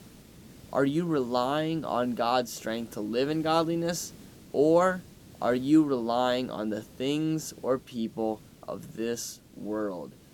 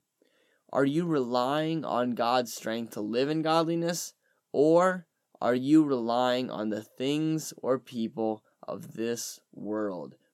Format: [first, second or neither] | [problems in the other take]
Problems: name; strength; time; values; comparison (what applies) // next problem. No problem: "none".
second | hiss; faint; throughout; 25 dB below the speech